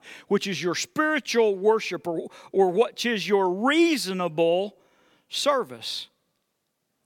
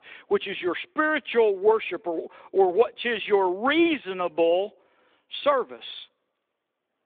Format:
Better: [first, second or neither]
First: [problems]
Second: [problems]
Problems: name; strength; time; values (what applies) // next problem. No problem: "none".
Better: first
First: none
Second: phone-call audio